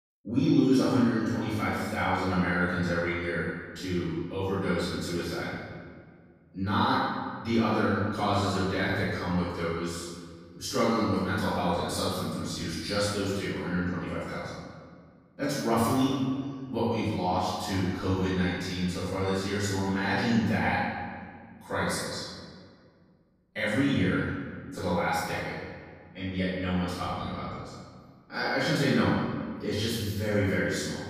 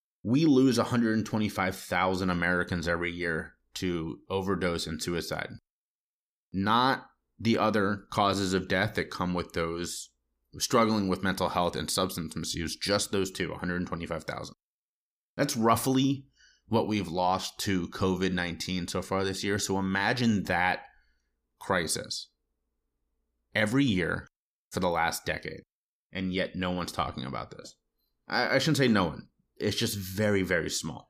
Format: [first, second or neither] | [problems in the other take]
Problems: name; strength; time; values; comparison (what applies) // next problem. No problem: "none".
second | room echo; strong; dies away in 1.6 s // off-mic speech; far